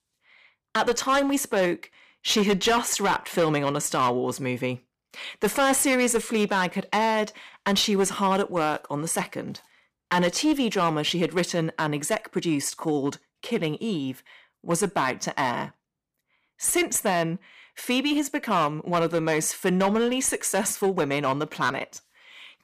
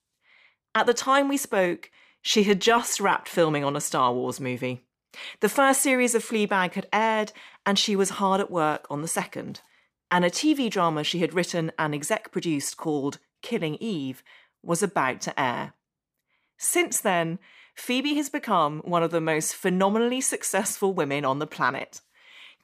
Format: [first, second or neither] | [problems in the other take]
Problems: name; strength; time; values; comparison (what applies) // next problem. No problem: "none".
second | distortion; slight; 6% of the sound clipped